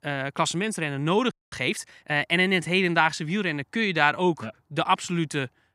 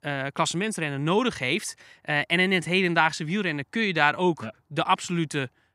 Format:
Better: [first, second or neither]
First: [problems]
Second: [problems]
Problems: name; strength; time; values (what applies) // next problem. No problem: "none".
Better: second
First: audio freezing; at 1.5 s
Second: none